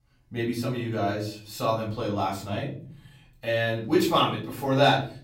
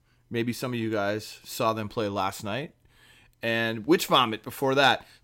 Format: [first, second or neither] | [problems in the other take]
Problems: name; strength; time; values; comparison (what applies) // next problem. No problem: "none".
second | off-mic speech; far // room echo; slight; dies away in 0.8 s